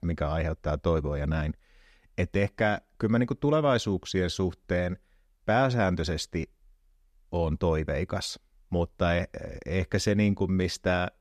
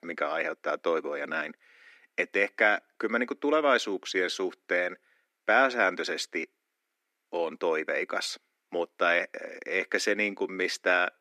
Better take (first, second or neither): first